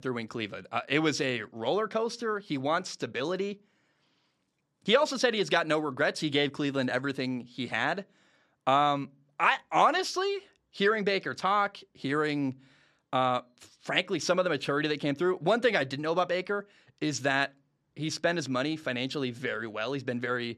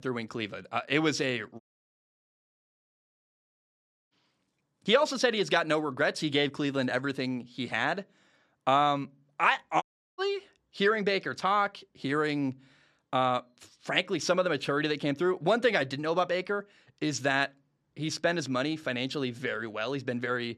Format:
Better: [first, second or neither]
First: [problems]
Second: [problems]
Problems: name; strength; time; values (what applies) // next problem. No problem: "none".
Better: first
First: none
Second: audio cutting out; at 1.5 s for 2.5 s and at 10 s